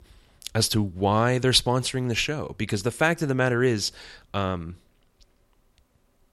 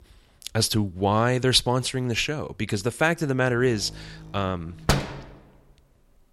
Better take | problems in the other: first | door banging; noticeable; at 5 s; peak 1 dB below the speech

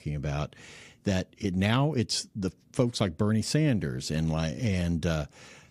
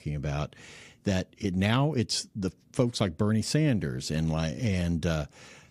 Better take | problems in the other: neither | none

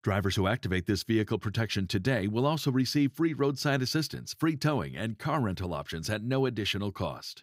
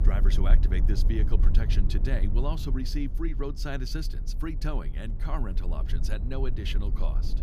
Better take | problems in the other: first | low rumble; loud; throughout; 9 dB below the speech

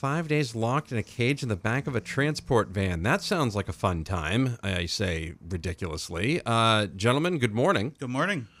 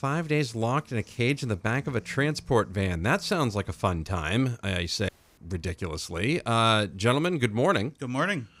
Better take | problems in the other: first | audio cutting out; at 5 s

